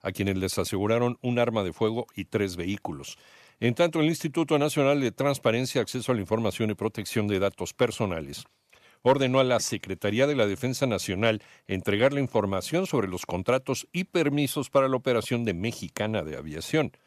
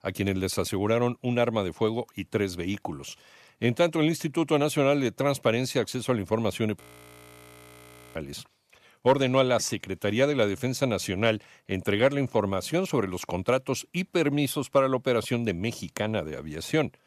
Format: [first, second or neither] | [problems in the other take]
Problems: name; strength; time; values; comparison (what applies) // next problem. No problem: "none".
first | audio freezing; at 7 s for 1.5 s